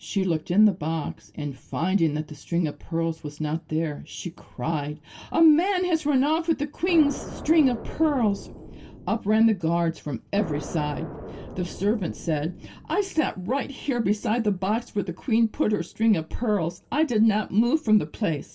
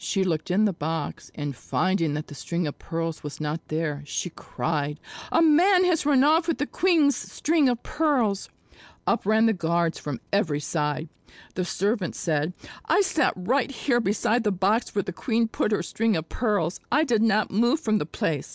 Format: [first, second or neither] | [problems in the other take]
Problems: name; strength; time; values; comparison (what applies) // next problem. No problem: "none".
second | background sound (Explosion); 13 dB below the speech // room echo; dies away in 0.2 s